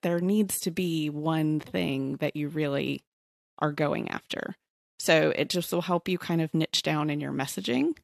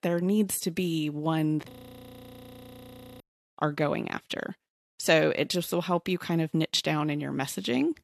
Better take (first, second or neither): first